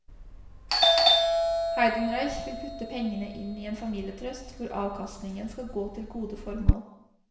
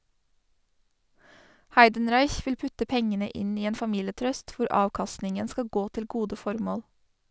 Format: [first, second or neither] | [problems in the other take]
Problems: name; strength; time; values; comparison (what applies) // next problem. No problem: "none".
second | background sound (Doorbell); 5 dB above the speech // room echo; dies away in 0.8 s